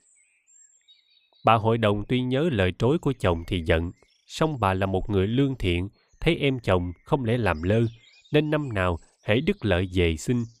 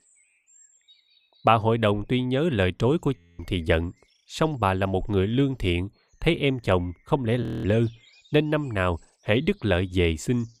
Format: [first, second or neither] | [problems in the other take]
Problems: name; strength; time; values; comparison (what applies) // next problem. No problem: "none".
first | audio freezing; at 3 s and at 7.5 s